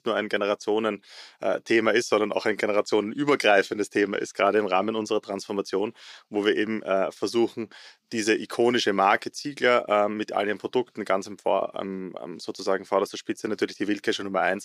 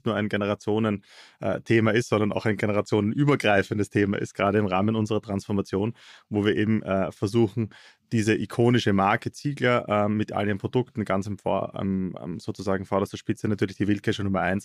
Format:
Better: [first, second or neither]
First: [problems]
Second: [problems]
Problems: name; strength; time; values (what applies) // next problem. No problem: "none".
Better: second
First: thin; somewhat; fading below 400 Hz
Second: none